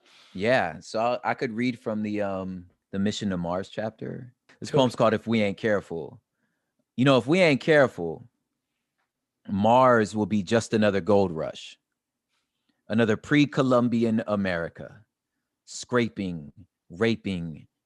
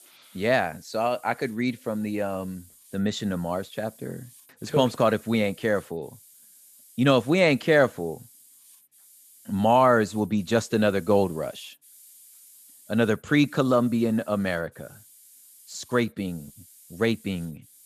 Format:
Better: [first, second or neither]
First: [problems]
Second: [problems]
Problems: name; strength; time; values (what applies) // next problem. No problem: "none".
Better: first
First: none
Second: hiss; faint; throughout; 25 dB below the speech